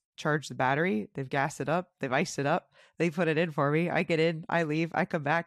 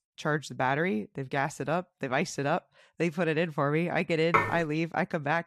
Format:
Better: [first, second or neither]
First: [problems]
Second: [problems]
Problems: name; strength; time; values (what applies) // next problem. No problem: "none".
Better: first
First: none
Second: clattering dishes; loud; at 4.5 s; peak 3 dB above the speech